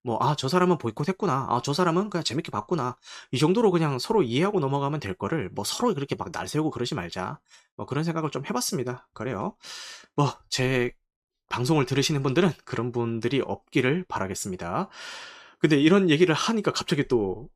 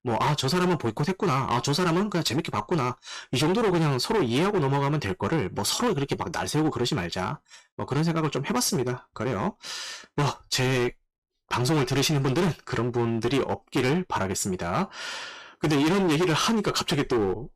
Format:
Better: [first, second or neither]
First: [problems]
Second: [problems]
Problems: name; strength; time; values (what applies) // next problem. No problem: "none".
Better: first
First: none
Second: distortion; heavy; 18% of the sound clipped